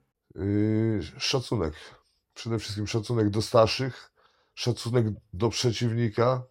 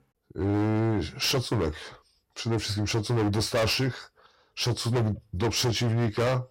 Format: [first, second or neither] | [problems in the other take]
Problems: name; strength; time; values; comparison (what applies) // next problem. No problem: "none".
first | distortion; heavy; 18% of the sound clipped